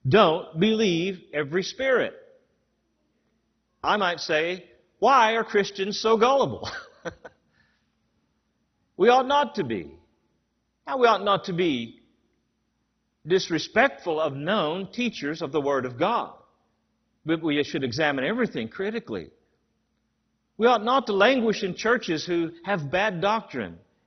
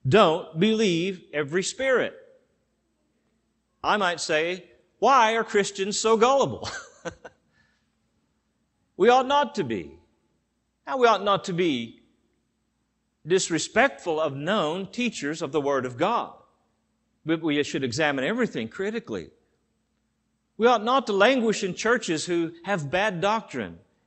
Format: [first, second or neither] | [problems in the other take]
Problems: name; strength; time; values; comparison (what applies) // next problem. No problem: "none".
second | garbled, watery; badly; nothing above 6 kHz; slightly in the second